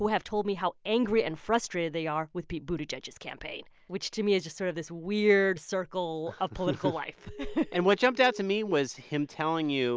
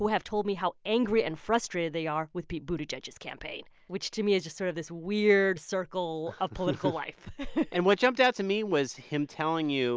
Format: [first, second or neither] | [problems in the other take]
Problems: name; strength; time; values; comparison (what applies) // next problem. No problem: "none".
second | background sound (Alarm); 17 dB below the speech